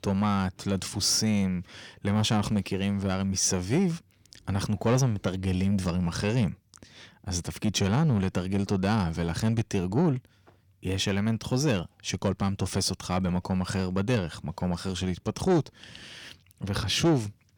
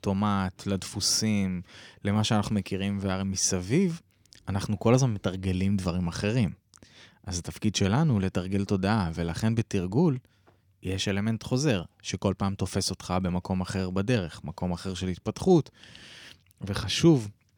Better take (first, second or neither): second